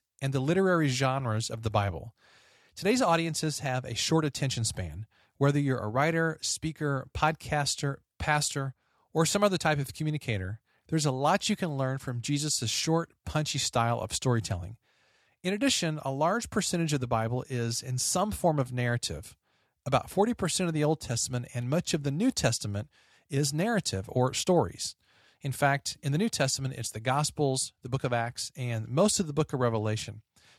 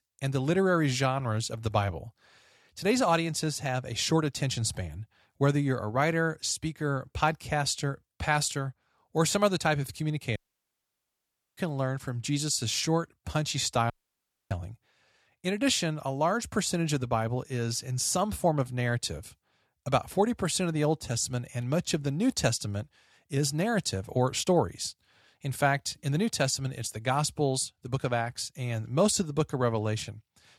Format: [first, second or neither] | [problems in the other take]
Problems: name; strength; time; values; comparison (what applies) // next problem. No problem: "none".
first | audio cutting out; at 10 s for 1 s and at 14 s for 0.5 s